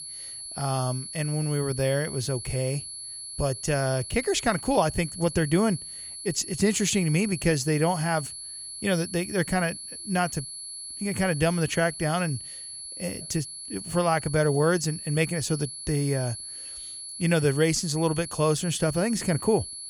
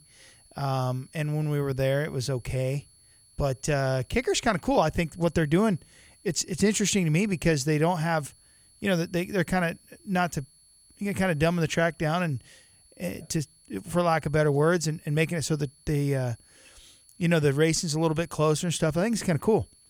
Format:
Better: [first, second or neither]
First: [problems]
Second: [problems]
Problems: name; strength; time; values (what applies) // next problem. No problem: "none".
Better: second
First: high-pitched whine; loud; throughout; 11 kHz, 9 dB below the speech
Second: high-pitched whine; faint; throughout; 11 kHz, 30 dB below the speech